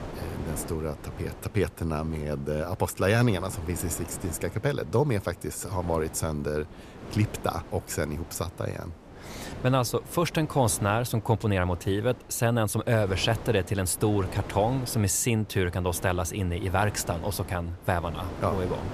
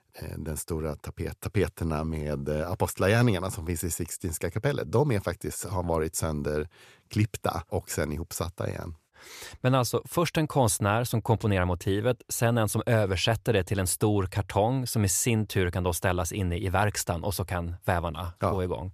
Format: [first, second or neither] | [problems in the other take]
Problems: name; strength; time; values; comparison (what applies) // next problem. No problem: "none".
second | wind noise on the microphone; occasional gusts; 15 dB below the speech